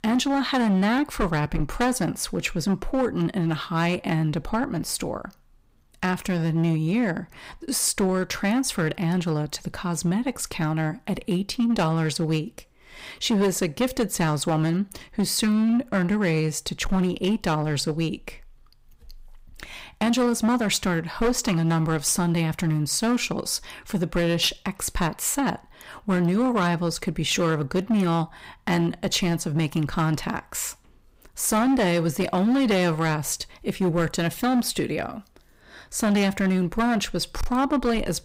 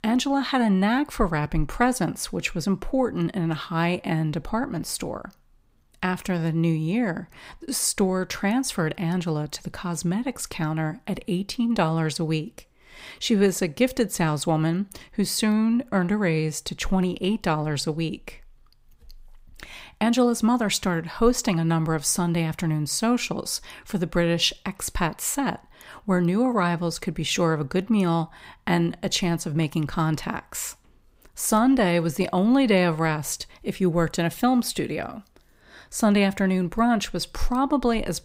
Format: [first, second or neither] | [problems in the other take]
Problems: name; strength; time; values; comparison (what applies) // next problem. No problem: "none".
second | distortion; slight; 9% of the sound clipped